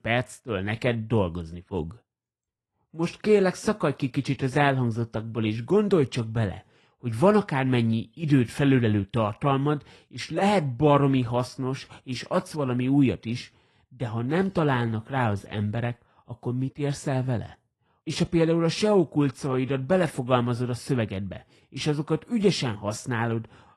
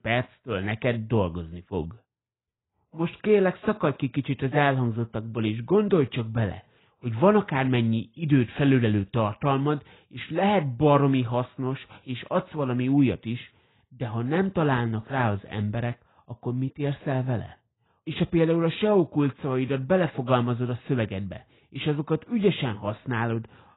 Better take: first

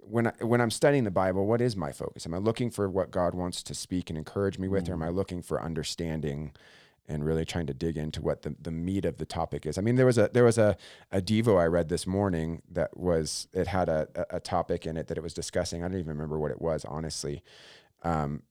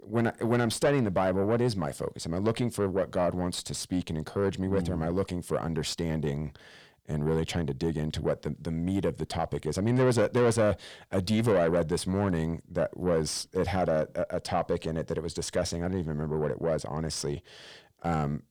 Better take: first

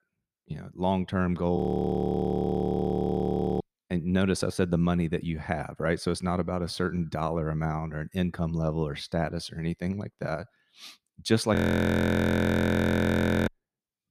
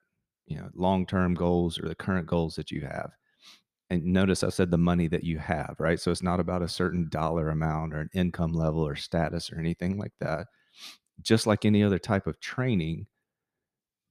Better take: second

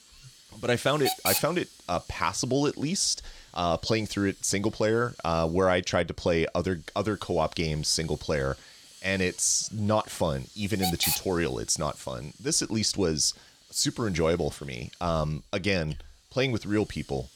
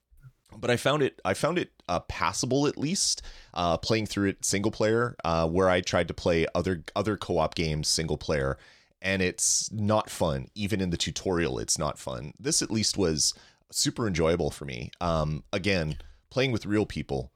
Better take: second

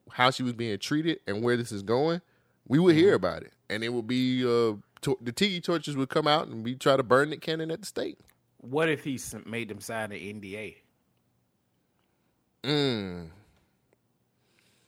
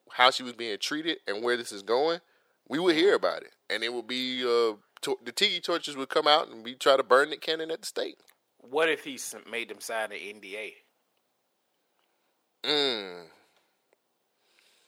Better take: first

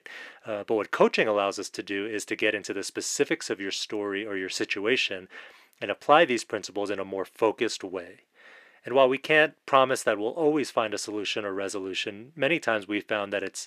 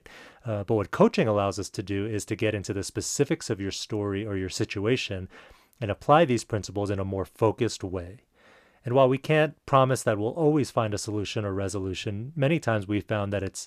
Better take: second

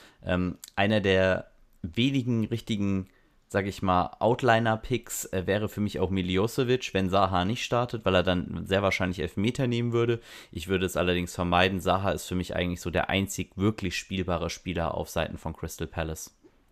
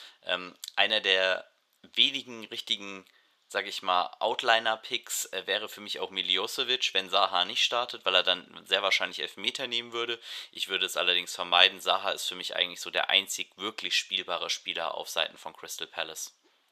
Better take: first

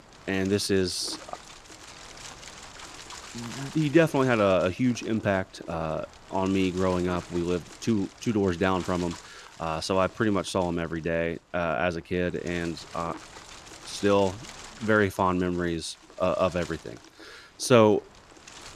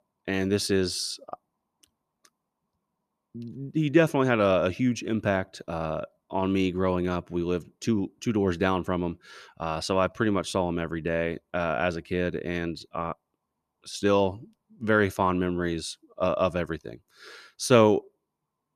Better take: second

